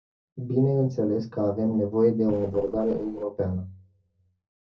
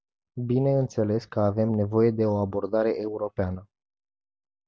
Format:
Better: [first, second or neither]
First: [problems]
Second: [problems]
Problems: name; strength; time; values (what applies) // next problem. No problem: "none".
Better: second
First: noise reduction (neural separator model SepFormer DNS4)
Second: none